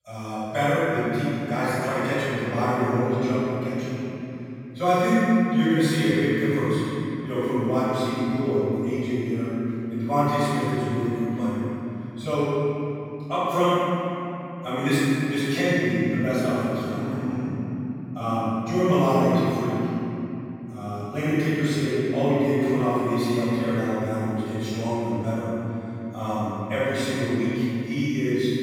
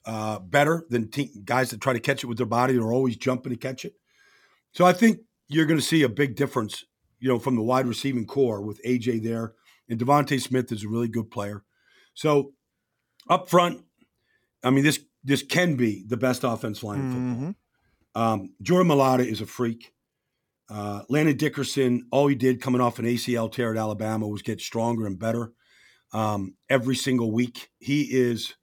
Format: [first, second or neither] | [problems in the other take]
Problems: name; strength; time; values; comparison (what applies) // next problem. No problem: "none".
second | room echo; strong; dies away in 3 s // off-mic speech; far